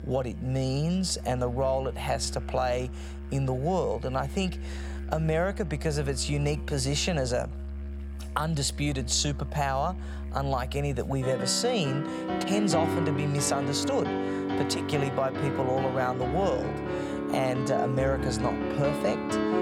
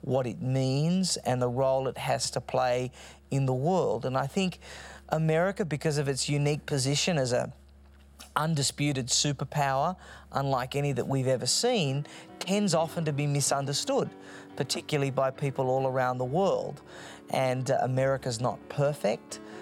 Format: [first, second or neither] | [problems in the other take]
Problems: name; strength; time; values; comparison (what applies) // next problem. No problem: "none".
second | background music; loud; throughout; 5 dB below the speech; faint in the second